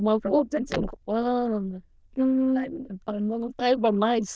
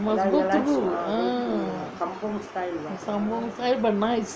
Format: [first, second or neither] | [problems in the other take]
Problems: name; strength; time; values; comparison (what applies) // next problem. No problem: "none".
second | noise reduction (neural diffusion model UNIVERSE++)